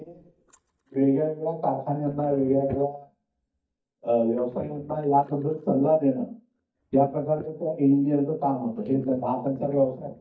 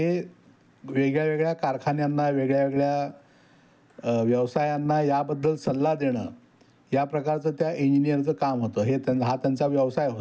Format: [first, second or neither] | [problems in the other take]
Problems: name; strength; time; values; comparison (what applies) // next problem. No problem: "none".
second | noise reduction (neural mask model DeepFilterNet 3)